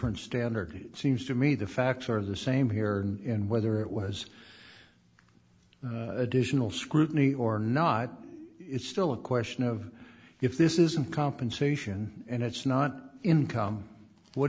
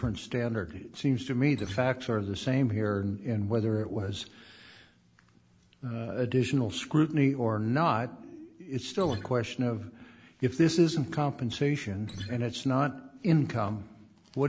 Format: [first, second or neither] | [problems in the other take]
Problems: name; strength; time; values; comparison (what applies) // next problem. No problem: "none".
first | background sound (Acoustic guitar); 10 dB below the speech